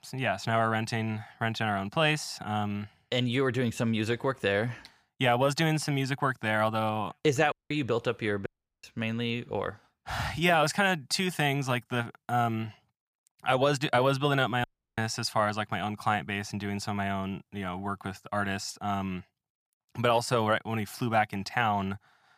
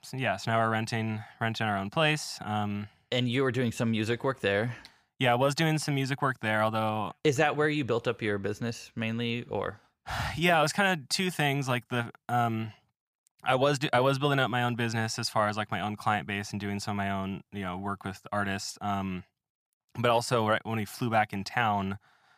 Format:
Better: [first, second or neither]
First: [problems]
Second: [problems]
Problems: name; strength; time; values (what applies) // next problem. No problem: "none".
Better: second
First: audio cutting out; at 7.5 s, at 8.5 s and at 15 s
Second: none